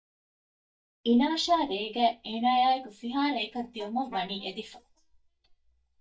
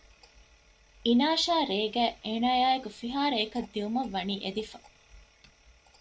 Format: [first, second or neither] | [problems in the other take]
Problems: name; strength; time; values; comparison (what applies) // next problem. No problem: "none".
second | noise reduction (neural mask model DeepFilterNet 3)